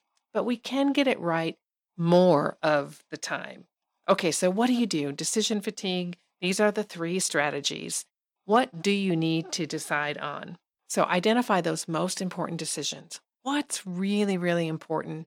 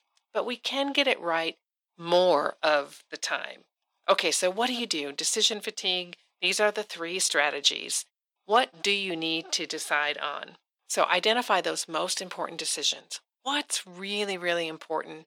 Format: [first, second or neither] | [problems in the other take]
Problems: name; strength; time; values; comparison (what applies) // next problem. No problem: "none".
first | thin; somewhat; fading below 450 Hz